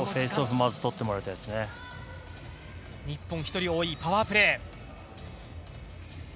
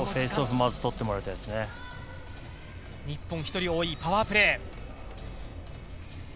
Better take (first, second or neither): first